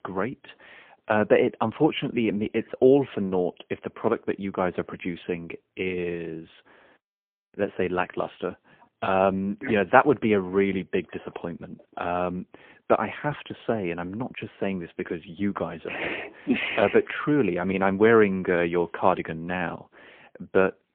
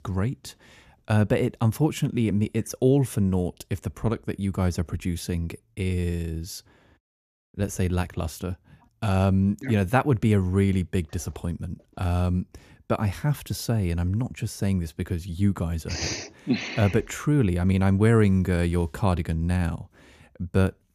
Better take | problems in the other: second | phone-call audio; poor line

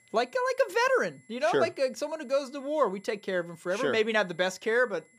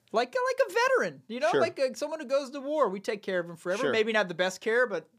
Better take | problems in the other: second | high-pitched whine; faint; throughout; 2 kHz, 30 dB below the speech

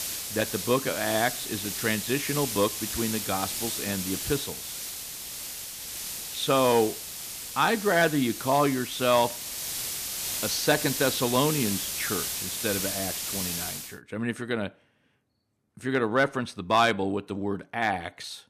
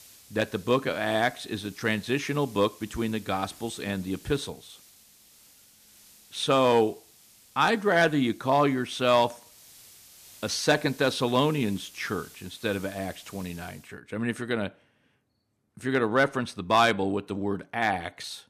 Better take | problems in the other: second | hiss; loud; until 14 s; 4 dB below the speech; faint in the second

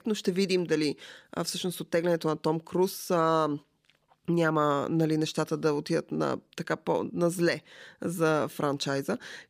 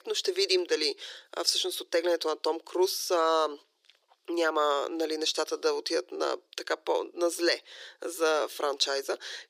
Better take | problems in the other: first | thin; very; fading below 350 Hz

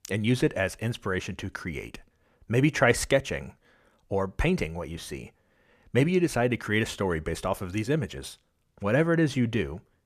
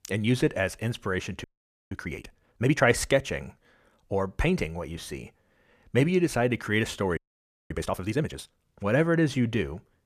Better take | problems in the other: first | audio freezing; at 1.5 s and at 7 s for 0.5 s

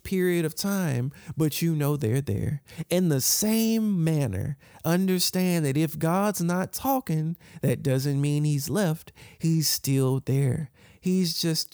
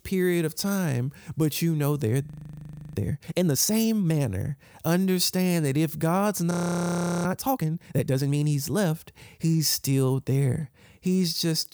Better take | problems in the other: first | audio freezing; at 2.5 s for 0.5 s and at 6.5 s for 0.5 s

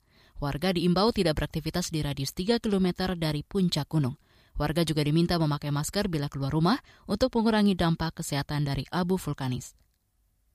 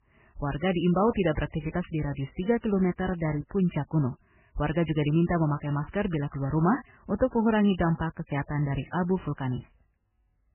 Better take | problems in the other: first | garbled, watery; badly; nothing above 3 kHz

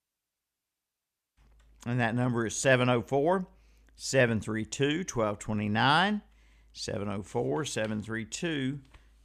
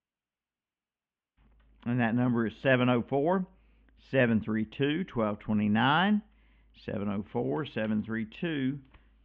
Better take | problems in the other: first | muffled; very; fading above 3 kHz

